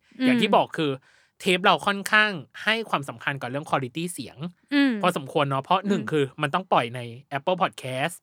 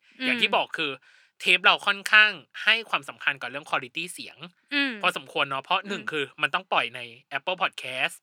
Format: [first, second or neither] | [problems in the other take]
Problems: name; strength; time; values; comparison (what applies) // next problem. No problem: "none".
first | thin; somewhat; fading below 450 Hz